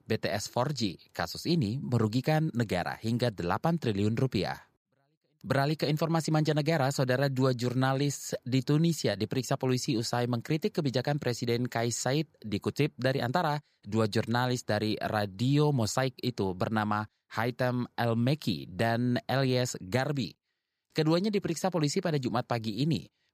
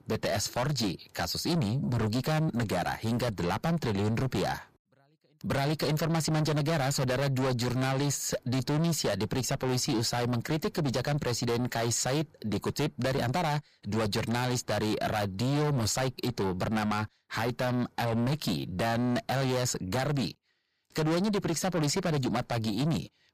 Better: first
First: none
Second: distortion; heavy; 5 dB below the speech

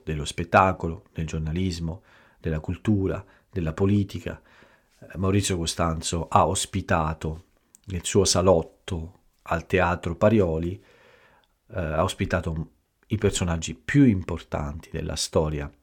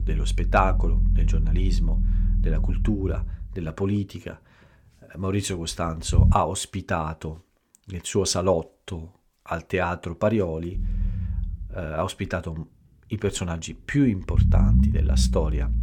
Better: first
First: none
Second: low rumble; noticeable; until 6.5 s and from 11 s on; 10 dB below the speech

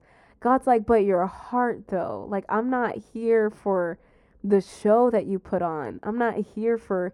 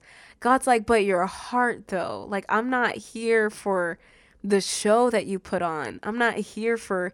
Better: second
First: muffled; very; fading above 1.5 kHz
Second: none

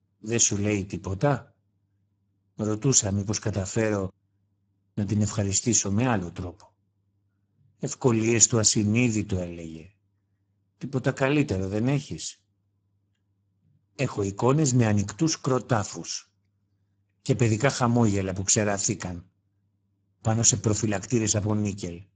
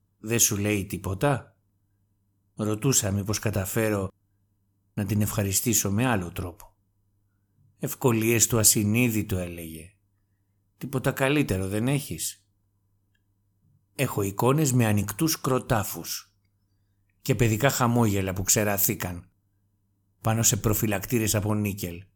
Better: second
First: garbled, watery; badly; nothing above 7.5 kHz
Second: none

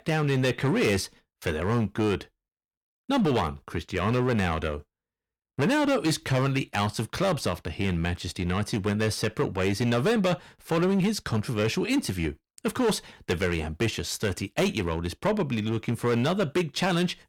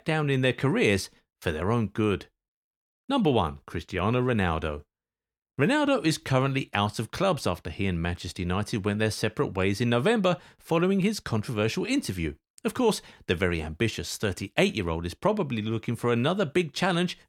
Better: second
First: distortion; slight; 9% of the sound clipped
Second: none

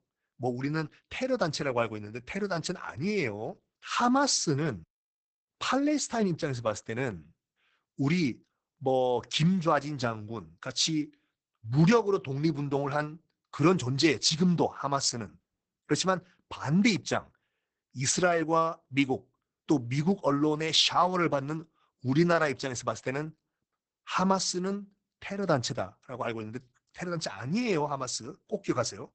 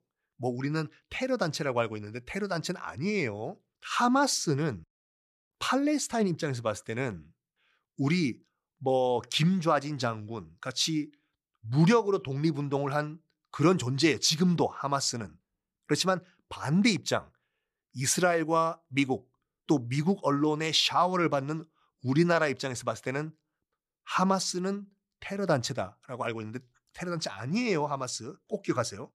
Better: second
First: garbled, watery; badly; nothing above 8 kHz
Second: none

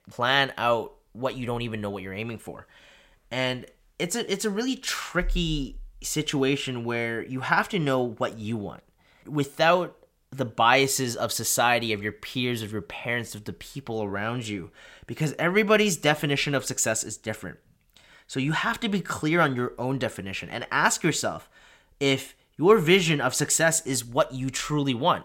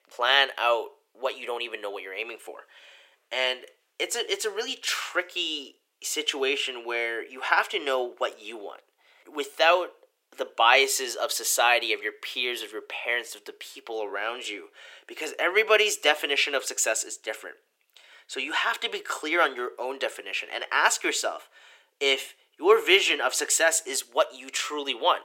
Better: first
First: none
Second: thin; very; fading below 350 Hz

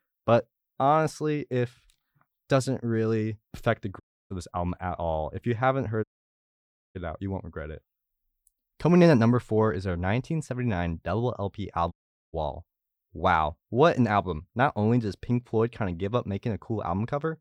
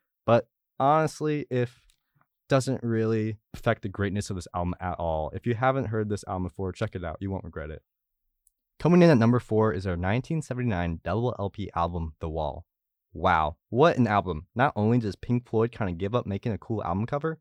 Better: second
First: audio cutting out; at 4 s, at 6 s for 1 s and at 12 s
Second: none

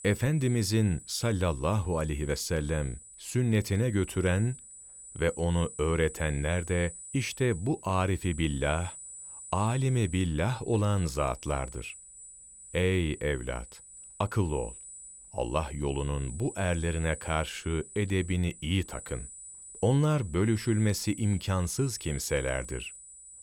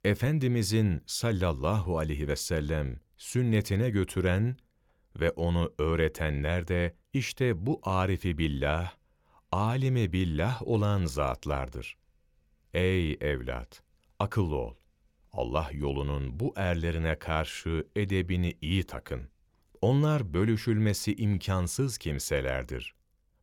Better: second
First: high-pitched whine; noticeable; throughout; 8 kHz, 15 dB below the speech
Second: none

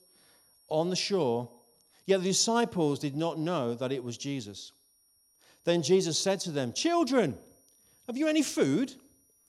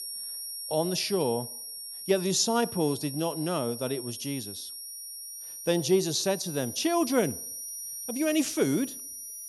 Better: first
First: high-pitched whine; faint; throughout; 5.5 kHz, 35 dB below the speech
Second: high-pitched whine; loud; throughout; 5.5 kHz, 8 dB below the speech

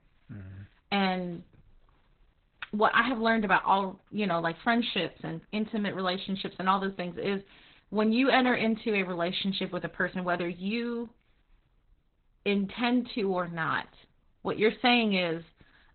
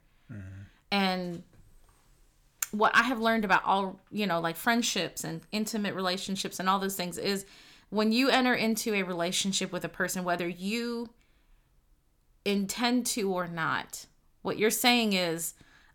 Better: second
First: garbled, watery; badly; nothing above 4 kHz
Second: none

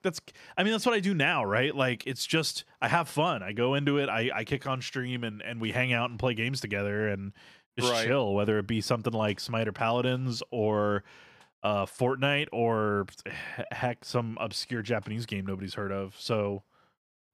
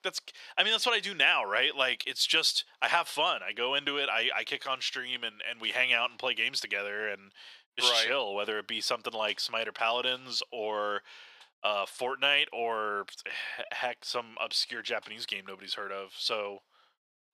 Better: first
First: none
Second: thin; very; fading below 600 Hz

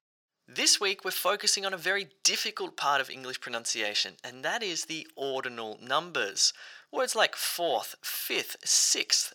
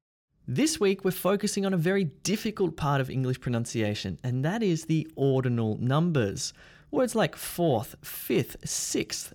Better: second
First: thin; very; fading below 800 Hz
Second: none

